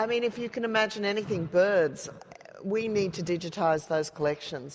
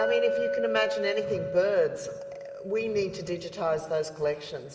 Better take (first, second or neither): first